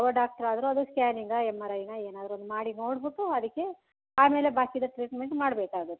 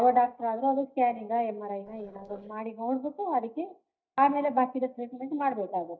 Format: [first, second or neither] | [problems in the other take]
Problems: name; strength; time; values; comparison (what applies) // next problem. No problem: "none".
first | noise reduction (neural mask model DeepFilterNet 3)